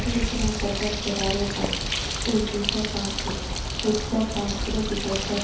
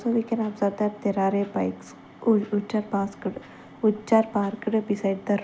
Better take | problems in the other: second | background sound (Bird); as loud as the speech // room echo; dies away in 0.5 s

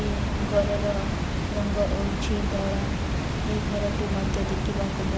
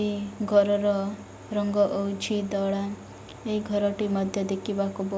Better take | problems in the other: second | background sound (Water); 3 dB above the speech

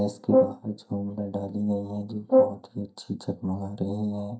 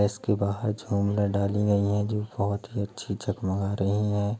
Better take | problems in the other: second | noise reduction (neural mask model DeepFilterNet 3)

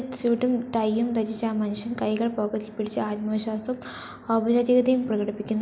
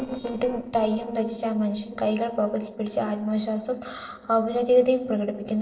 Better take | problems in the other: first | noise reduction (neural separator model SepFormer DNS4)

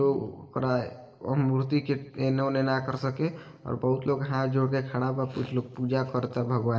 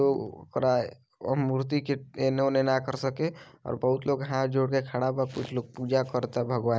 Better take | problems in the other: second | room echo; dies away in 1.7 s

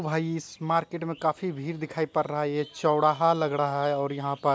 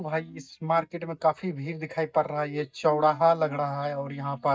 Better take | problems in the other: first | noise reduction (neural mask model DeepFilterNet 3)

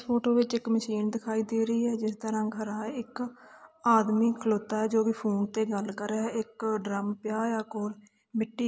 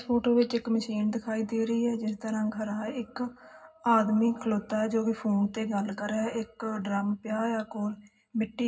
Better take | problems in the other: first | room echo; dies away in 0.4 s

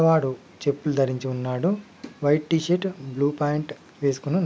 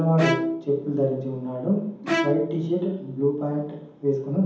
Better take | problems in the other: first | background sound (Bowed string instrument); 5 dB below the speech // room echo; dies away in 1.2 s

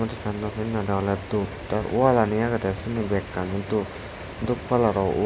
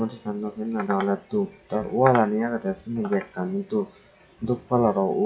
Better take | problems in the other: first | noise reduction (classical method WPE with log-MMSE)

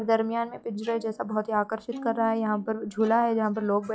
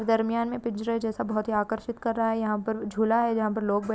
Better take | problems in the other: second | noise reduction (classical method log-MMSE)

